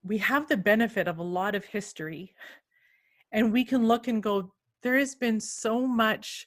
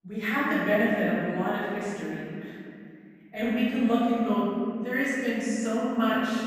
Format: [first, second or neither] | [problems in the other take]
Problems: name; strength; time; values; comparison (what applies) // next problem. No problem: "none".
first | room echo; strong; dies away in 2.2 s // off-mic speech; far